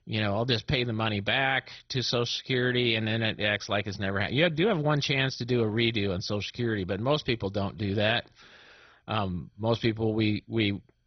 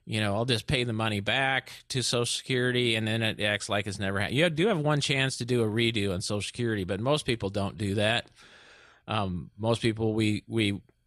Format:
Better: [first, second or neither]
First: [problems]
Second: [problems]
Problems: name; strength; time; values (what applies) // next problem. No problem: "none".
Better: second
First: garbled, watery; badly; nothing above 6 kHz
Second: none